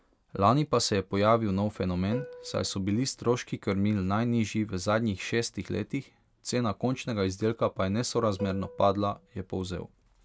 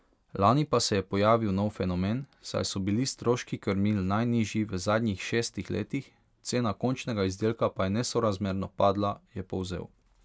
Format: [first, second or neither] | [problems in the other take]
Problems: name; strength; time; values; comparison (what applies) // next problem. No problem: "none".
second | background sound (Plucked string instrument); 16 dB below the speech